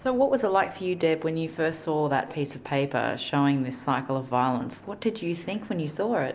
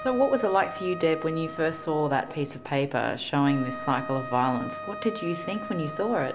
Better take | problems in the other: first | background sound (Wind instrument, woodwind instrument); 11 dB below the speech

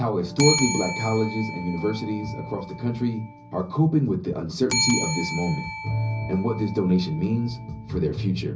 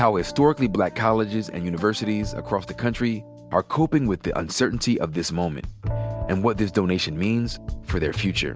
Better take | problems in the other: second | background sound (Bell); 7 dB below the speech // room echo; dies away in 0.5 s

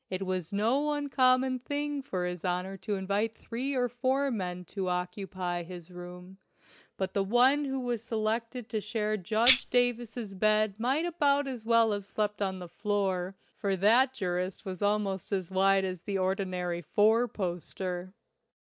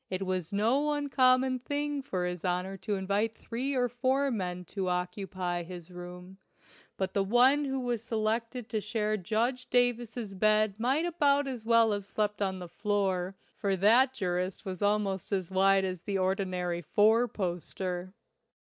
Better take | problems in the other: second | background sound (Tambourine); 1 dB below the speech

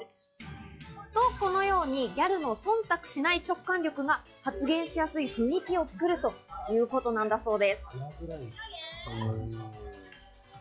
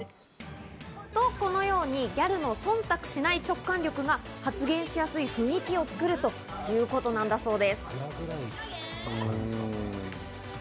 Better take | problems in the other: second | noise reduction (classical method log-MMSE)

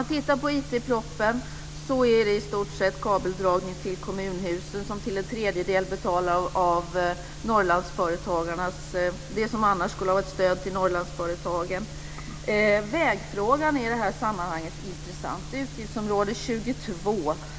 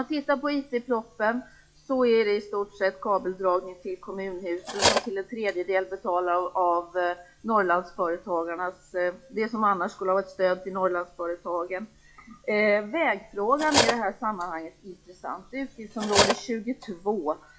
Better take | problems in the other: first | noise reduction (classical method log-MMSE)

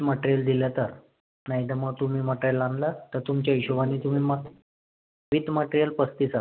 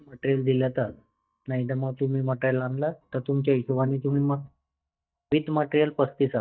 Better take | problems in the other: first | noise reduction (neural mask model DeepFilterNet 3)

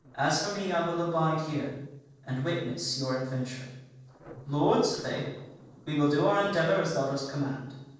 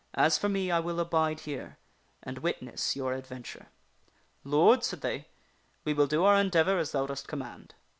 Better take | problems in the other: second | noise reduction (neural separator model SepFormer DNS4)

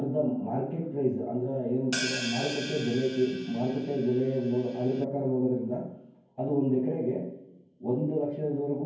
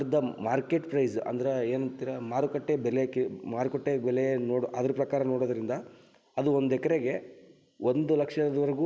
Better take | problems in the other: second | background sound (Hi-hat); 9 dB below the speech // room echo; dies away in 0.9 s

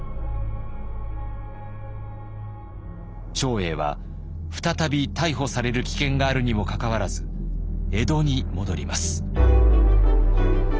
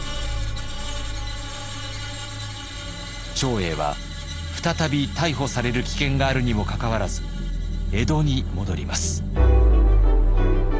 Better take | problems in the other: first | background sound (Screech); 17 dB below the speech

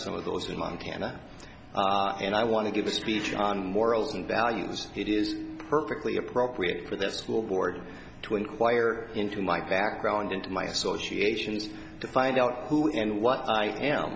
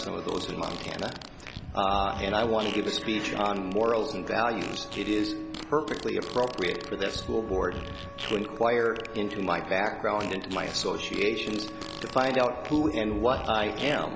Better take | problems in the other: first | background sound (Fart + Wind instrument, woodwind instrument); 11 dB below the speech

